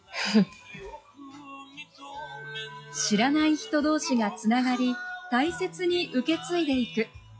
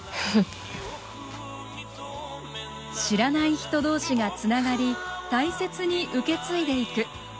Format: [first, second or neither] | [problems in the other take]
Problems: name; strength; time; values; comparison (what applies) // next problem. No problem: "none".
second | noise reduction (classical method log-MMSE)